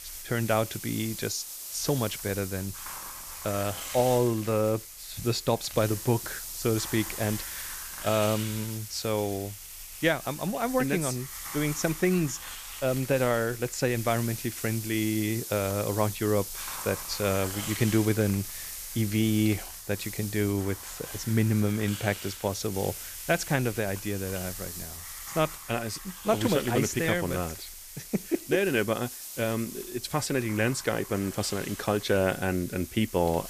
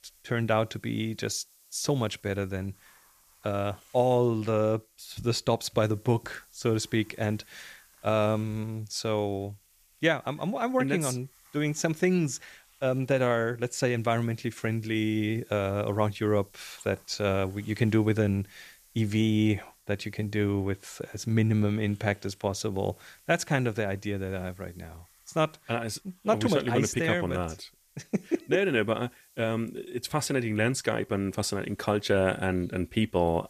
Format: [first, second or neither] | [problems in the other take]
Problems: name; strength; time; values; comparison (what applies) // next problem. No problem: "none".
second | hiss; loud; throughout; 9 dB below the speech; faint in the second